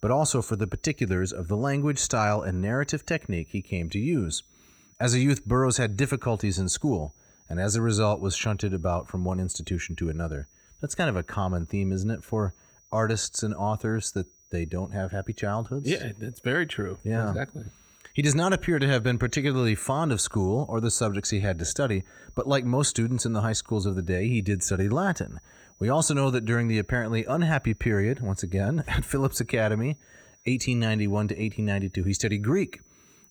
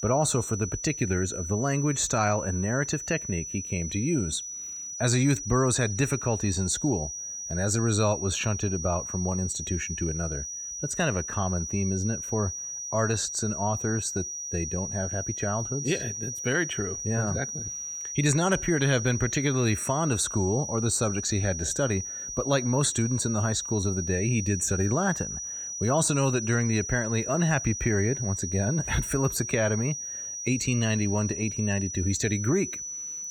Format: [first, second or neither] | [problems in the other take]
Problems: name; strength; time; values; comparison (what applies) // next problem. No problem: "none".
first | high-pitched whine; loud; throughout; 6 kHz, 5 dB below the speech; faint in the first